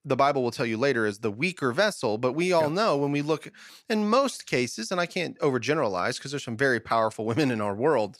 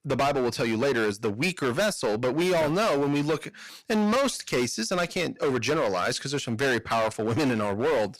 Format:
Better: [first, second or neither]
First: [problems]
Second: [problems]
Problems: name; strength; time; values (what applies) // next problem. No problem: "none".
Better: first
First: none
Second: distortion; heavy; 18% of the sound clipped